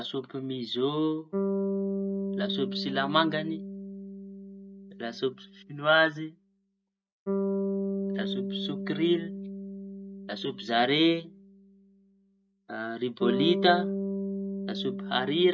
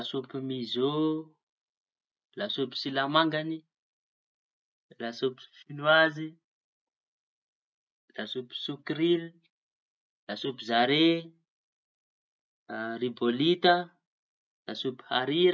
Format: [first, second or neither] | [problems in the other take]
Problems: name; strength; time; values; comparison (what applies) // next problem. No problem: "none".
second | background sound (Bass guitar); 4 dB below the speech